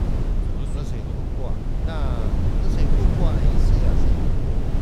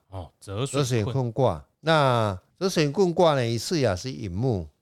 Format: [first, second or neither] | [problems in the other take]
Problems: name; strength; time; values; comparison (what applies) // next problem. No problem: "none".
second | wind noise on the microphone; heavy; 4 dB above the speech